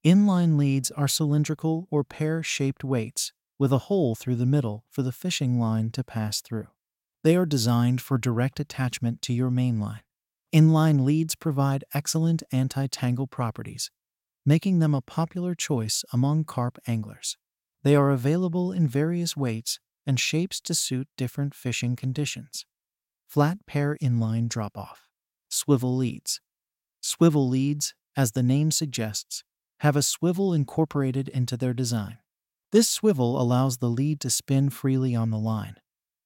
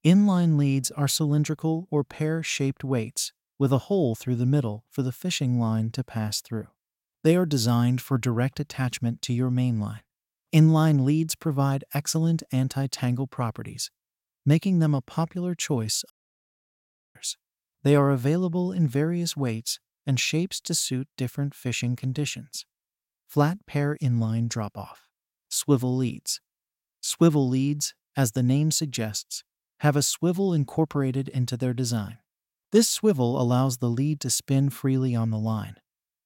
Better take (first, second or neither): first